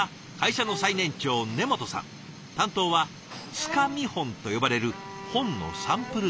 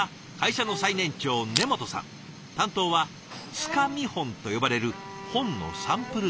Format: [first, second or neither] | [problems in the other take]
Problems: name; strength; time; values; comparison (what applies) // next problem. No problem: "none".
first | background sound (Crushing); 2 dB below the speech